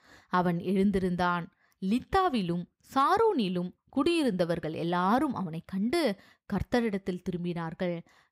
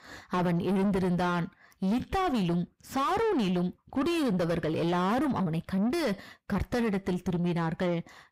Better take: first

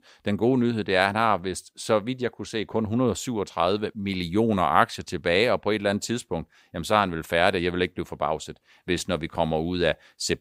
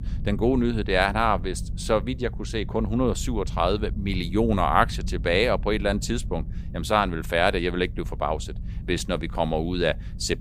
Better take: first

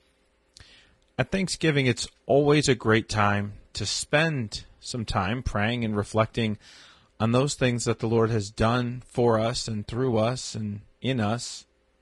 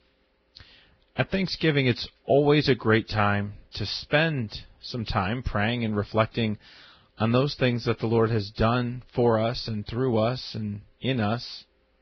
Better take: first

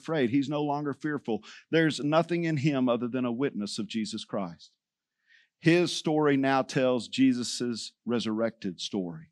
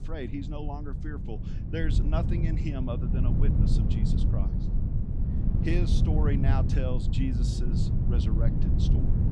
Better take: first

